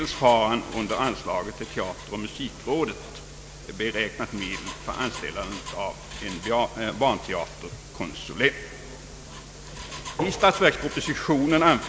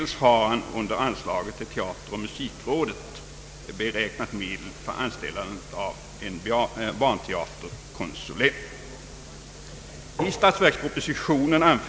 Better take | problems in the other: second | background sound (Engine); 17 dB below the speech

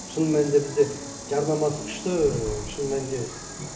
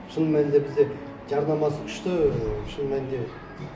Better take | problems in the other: second | background sound (Insect); 15 dB below the speech

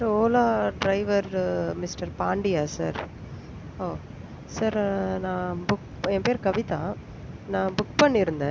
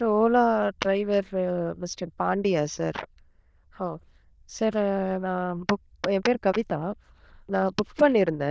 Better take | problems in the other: first | noise reduction (neural diffusion model UNIVERSE++)

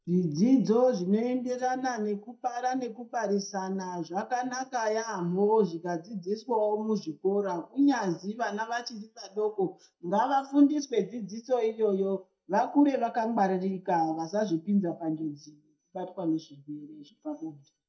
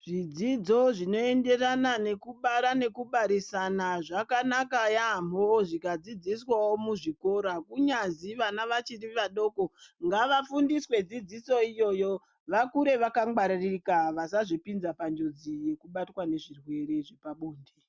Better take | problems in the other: second | noise reduction (neural mask model DeepFilterNet 3)

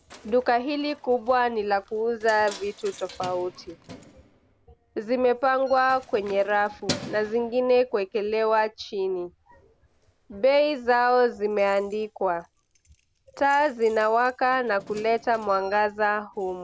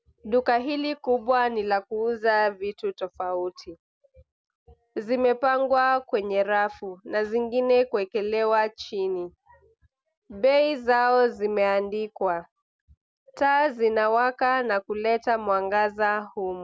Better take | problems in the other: second | background sound (Keys jangling + Wind instrument, woodwind instrument); 20 dB below the speech

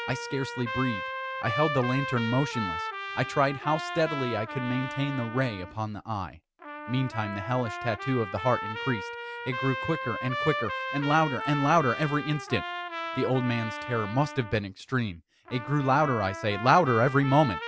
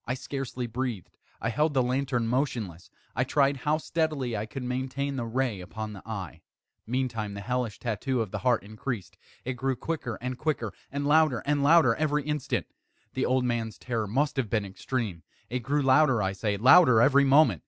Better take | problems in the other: second | background sound (Trumpet); 7 dB below the speech

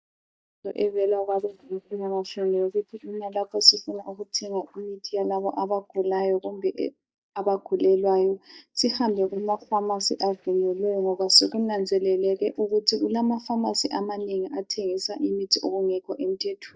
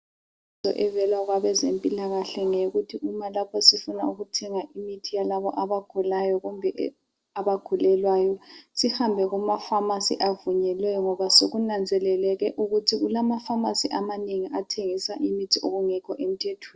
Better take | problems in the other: second | noise reduction (neural mask model DeepFilterNet 3)

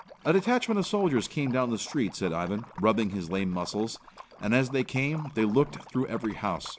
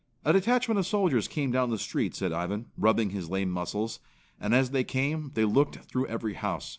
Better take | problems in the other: second | background sound (Liquid); 19 dB below the speech

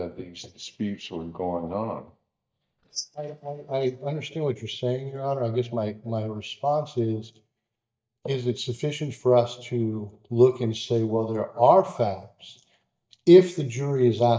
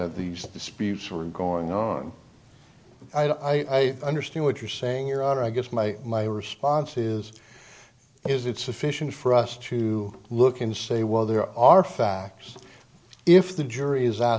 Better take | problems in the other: second | noise reduction (neural mask model DeepFilterNet 3)

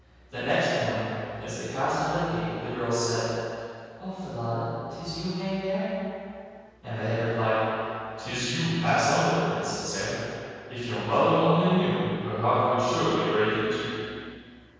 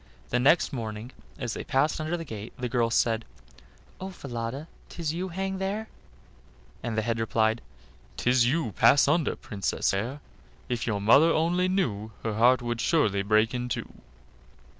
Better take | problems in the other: second | room echo; dies away in 2.2 s

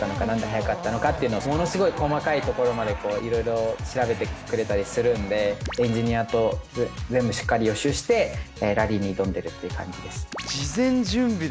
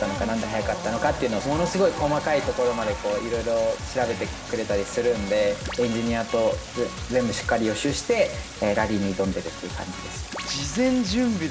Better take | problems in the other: first | background sound (Stream); 16 dB below the speech // room echo; dies away in 1.7 s

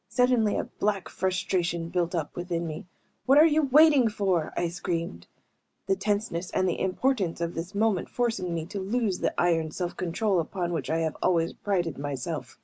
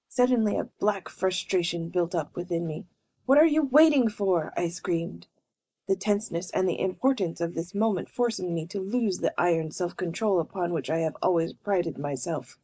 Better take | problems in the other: first | noise reduction (neural mask model Resemble Enhance denoiser)

